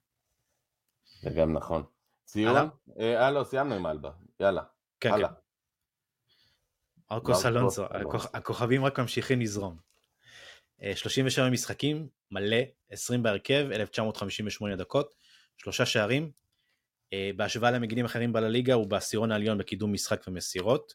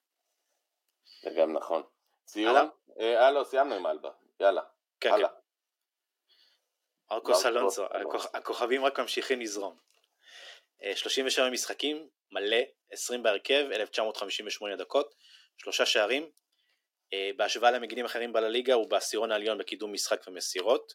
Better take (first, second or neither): first